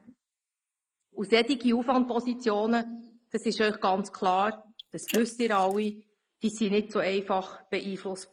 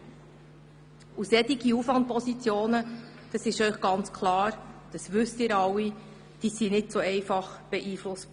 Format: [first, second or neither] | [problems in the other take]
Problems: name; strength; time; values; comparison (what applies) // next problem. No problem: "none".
second | noise reduction (neural mask model Resemble Enhance denoiser)